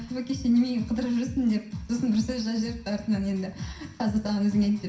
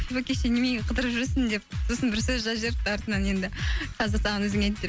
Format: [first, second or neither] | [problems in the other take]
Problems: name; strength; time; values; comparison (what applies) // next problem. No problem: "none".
second | room echo; dies away in 0.5 s